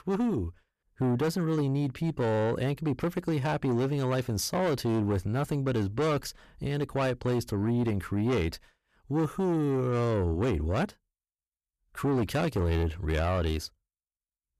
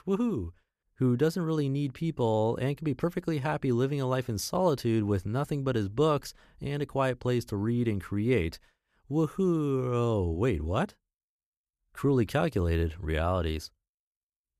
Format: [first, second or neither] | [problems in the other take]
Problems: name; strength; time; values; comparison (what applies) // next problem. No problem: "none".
second | distortion; slight; 10 dB below the speech